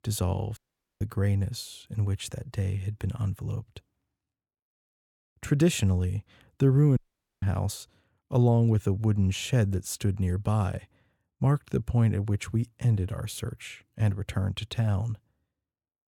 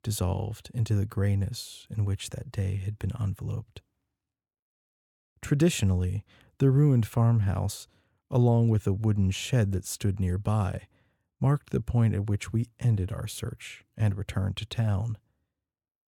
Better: second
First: audio cutting out; at 0.5 s and at 7 s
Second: none

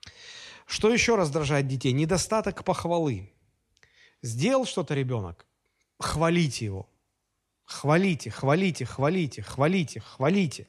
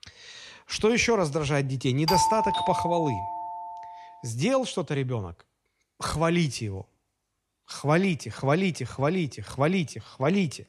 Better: first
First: none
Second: doorbell; loud; from 2 to 3.5 s; peak 3 dB above the speech

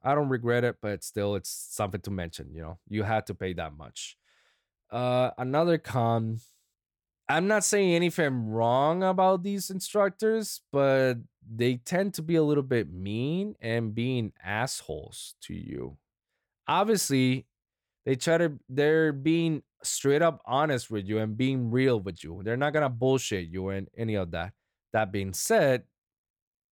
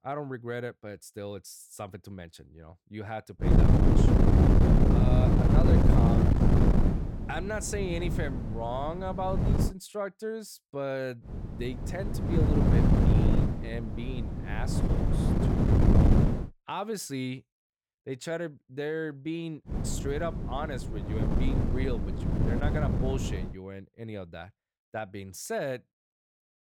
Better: first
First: none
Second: wind noise on the microphone; heavy; from 3.5 to 9.5 s, from 11 to 16 s and from 20 to 24 s; 3 dB above the speech

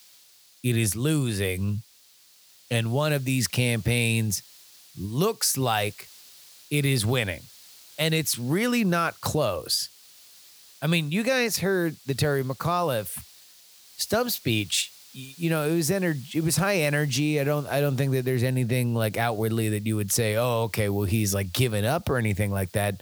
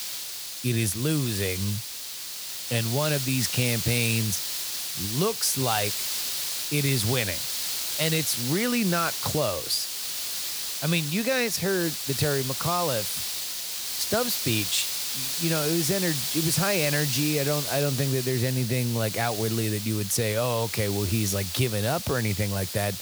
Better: first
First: hiss; faint; throughout; 25 dB below the speech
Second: hiss; loud; throughout; 2 dB below the speech

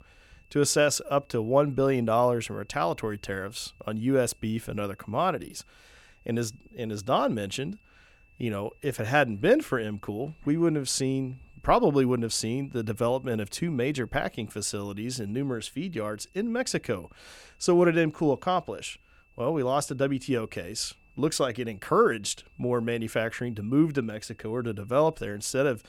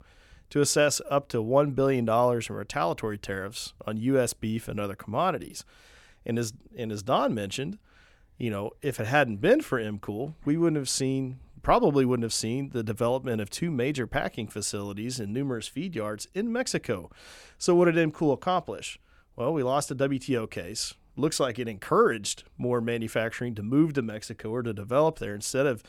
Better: second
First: high-pitched whine; faint; throughout; 2.5 kHz, 35 dB below the speech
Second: none

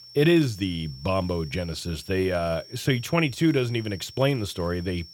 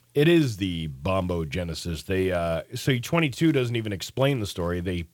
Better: second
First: high-pitched whine; noticeable; throughout; 5.5 kHz, 20 dB below the speech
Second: none

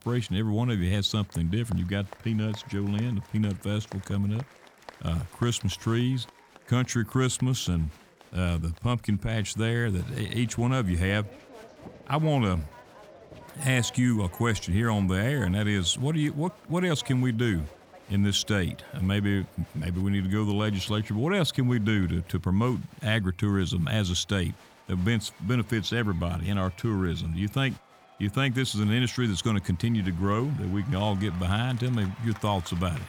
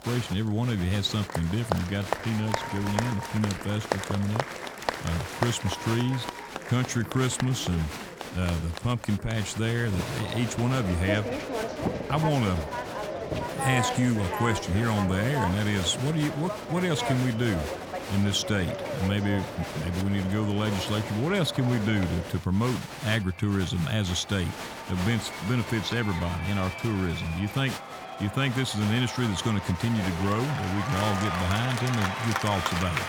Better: first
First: crowd noise; faint; throughout; 25 dB below the speech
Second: crowd noise; loud; throughout; 6 dB below the speech

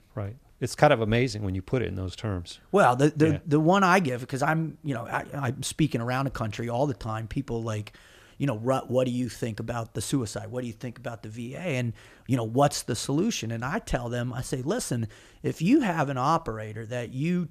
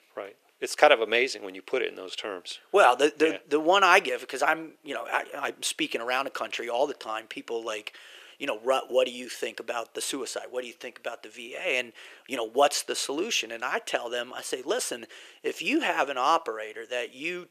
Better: first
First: none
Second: thin; very; fading below 400 Hz

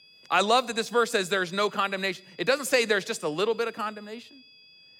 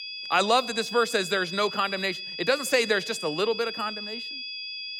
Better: first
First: high-pitched whine; faint; throughout; 5 kHz, 25 dB below the speech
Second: high-pitched whine; loud; throughout; 5 kHz, 8 dB below the speech

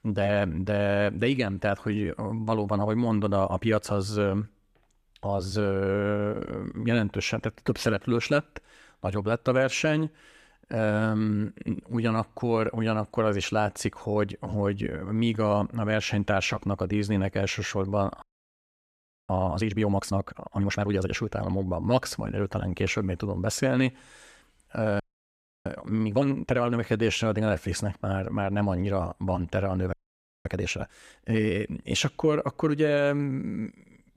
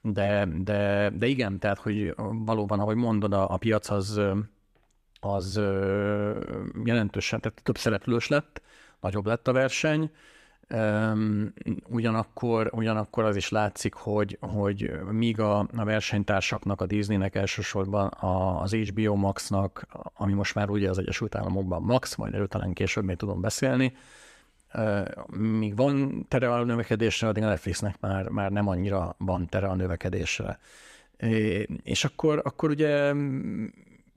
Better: second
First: audio freezing; at 18 s for 1 s, at 25 s for 0.5 s and at 30 s for 0.5 s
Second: none

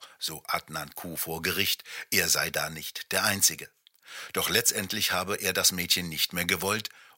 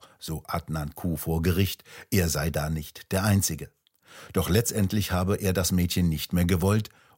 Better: second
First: thin; somewhat; fading below 1 kHz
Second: none

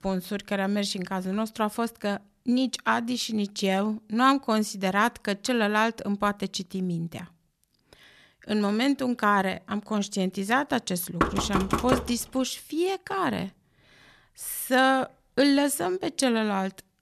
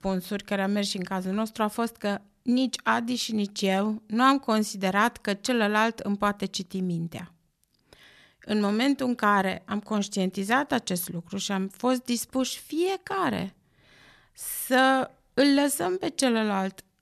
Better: second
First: door banging; loud; at 11 s; peak level with the speech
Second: none

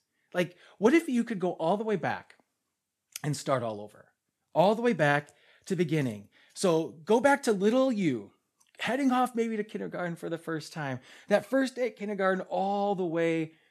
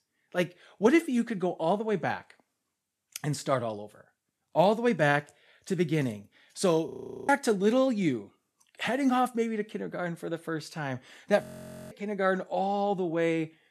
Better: first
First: none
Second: audio freezing; at 7 s and at 11 s

